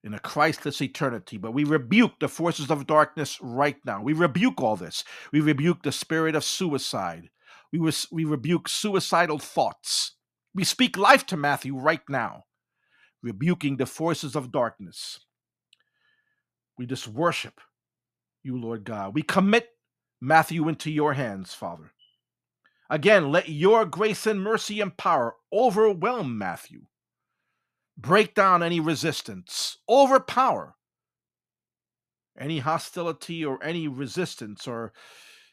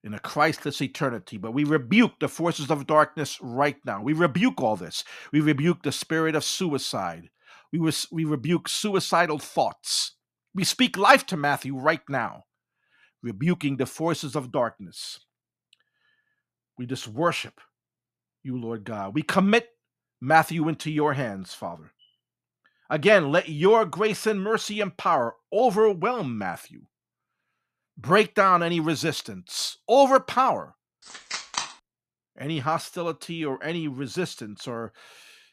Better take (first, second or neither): first